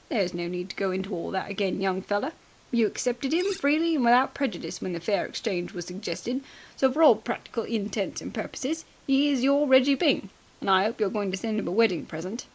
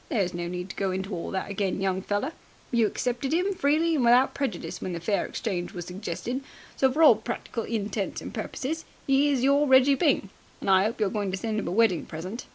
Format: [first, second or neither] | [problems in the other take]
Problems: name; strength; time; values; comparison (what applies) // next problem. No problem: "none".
second | noise reduction (neural mask model Resemble Enhance denoiser)